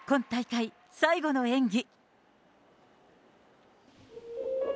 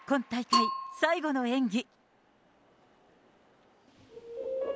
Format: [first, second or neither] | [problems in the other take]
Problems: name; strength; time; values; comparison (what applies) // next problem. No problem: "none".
first | background sound (Bell / Percussion); 3 dB below the speech